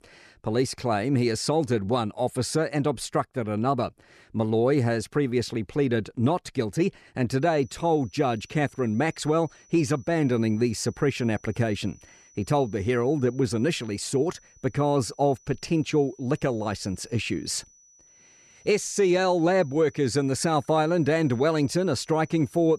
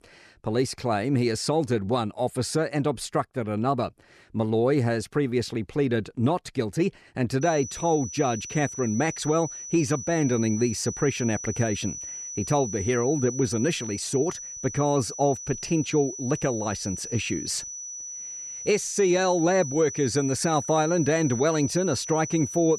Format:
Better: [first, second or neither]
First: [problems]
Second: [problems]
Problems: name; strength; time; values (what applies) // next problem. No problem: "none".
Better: first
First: high-pitched whine; faint; from 7.5 s on; 6 kHz, 30 dB below the speech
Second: high-pitched whine; loud; from 7.5 s on; 6 kHz, 8 dB below the speech